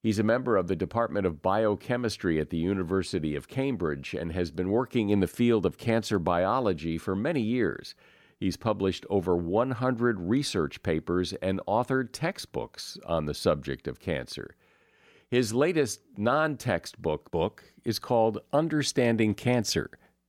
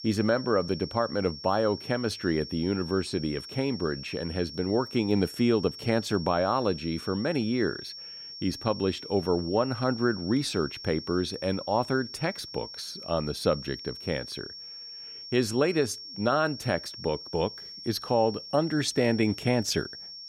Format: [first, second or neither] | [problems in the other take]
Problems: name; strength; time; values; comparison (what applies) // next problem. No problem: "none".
first | high-pitched whine; noticeable; throughout; 5.5 kHz, 10 dB below the speech